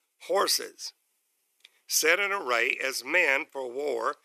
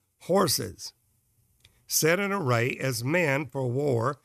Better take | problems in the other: second | thin; very; fading below 350 Hz

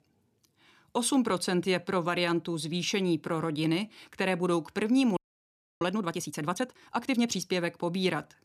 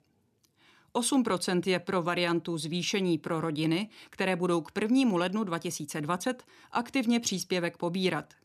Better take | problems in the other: second | audio freezing; at 5 s for 0.5 s

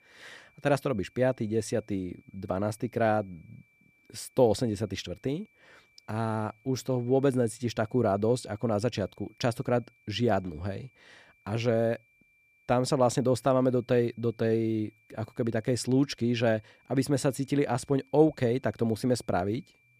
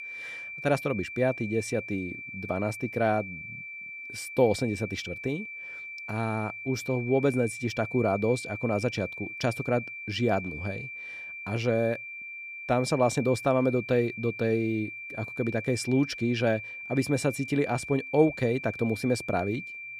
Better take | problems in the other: first | high-pitched whine; loud; throughout; 2.5 kHz, 9 dB below the speech; faint in the first

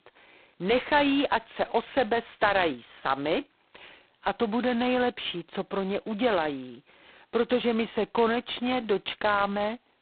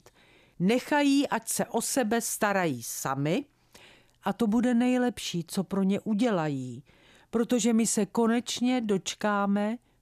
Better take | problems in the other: second | phone-call audio; poor line; nothing above 4 kHz

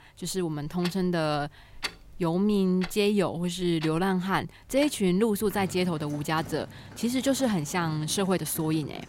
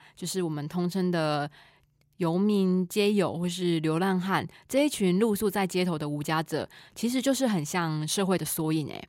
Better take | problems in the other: second | household noises; noticeable; throughout; 15 dB below the speech

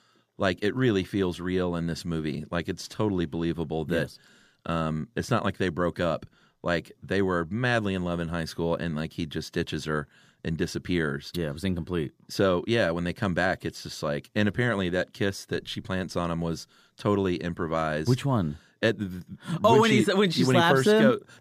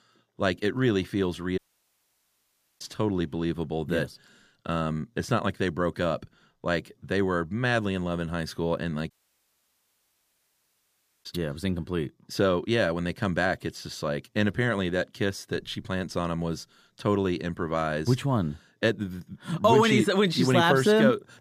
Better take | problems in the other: first | audio cutting out; at 1.5 s for 1 s and at 9 s for 2 s

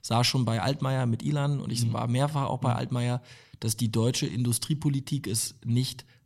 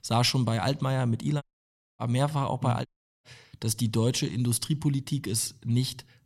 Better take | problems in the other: first | audio cutting out; at 1.5 s for 0.5 s and at 3 s

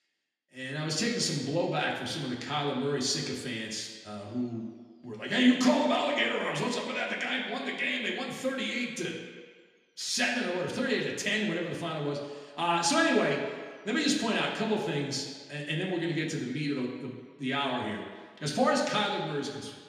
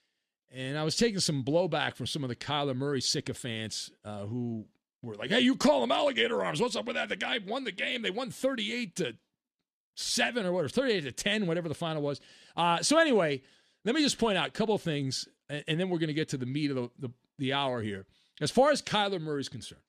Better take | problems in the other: second | room echo; noticeable; dies away in 1.3 s // off-mic speech; somewhat distant

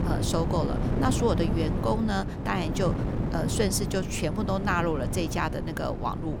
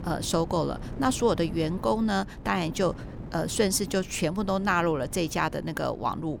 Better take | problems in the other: second | wind noise on the microphone; heavy; 7 dB below the speech; occasional gusts in the second

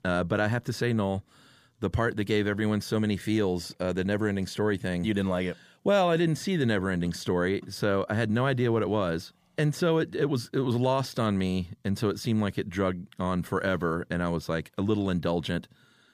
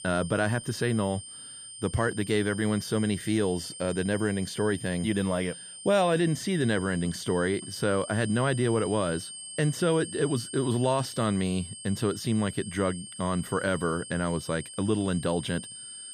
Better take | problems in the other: first | high-pitched whine; noticeable; throughout; 8.5 kHz, 10 dB below the speech

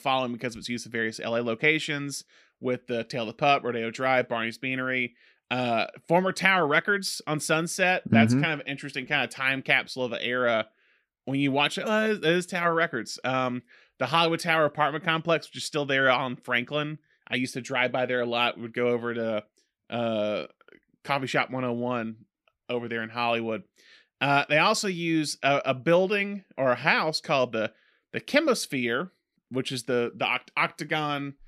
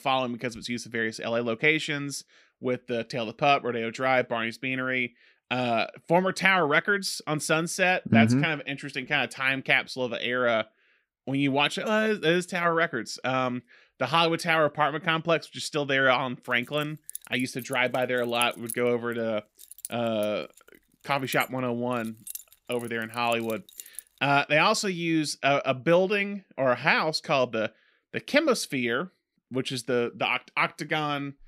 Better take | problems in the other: first | jangling keys; noticeable; from 17 to 24 s; peak 9 dB below the speech

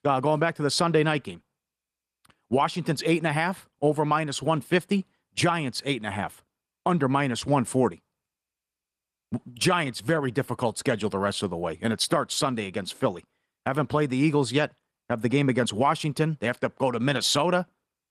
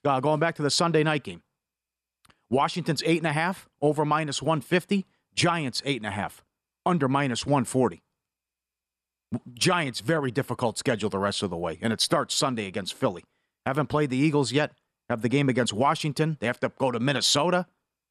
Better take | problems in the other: second | garbled, watery; slightly

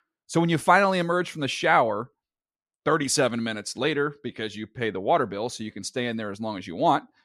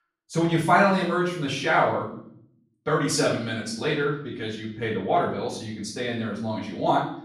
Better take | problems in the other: first | room echo; noticeable; dies away in 0.6 s // off-mic speech; far

